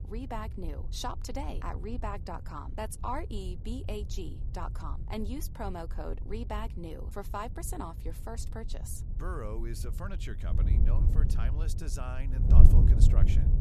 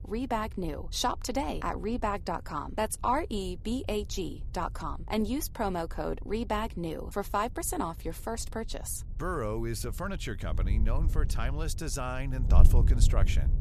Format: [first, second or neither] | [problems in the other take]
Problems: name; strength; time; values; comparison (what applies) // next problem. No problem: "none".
second | wind noise on the microphone; heavy; 7 dB below the speech; occasional gusts in the second